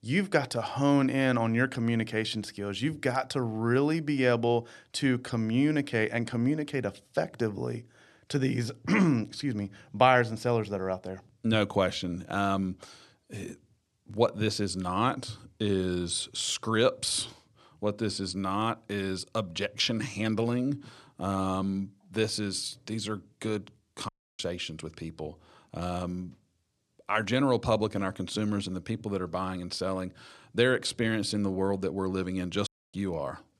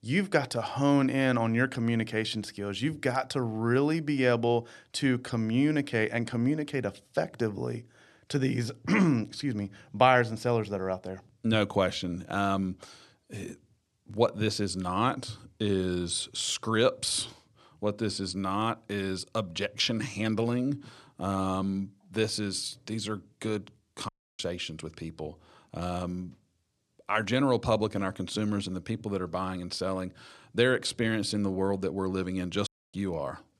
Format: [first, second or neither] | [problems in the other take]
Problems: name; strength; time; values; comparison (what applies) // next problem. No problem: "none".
neither | audio cutting out; at 24 s and at 33 s; the same in both